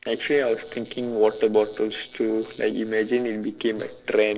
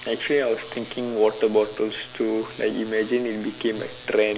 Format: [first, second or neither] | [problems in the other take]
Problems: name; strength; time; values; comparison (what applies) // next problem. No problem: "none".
second | noise reduction (neural separator model SepFormer DNS4)